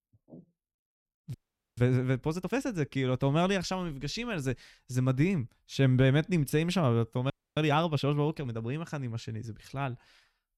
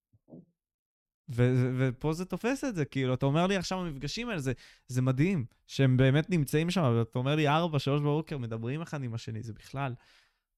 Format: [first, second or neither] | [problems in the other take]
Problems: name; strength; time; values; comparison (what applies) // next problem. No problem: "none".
second | audio freezing; at 1.5 s and at 7.5 s